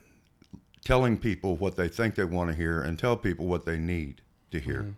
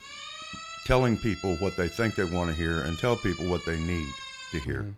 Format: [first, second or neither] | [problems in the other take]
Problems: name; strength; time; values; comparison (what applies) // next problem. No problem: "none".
first | siren; noticeable; peak 10 dB below the speech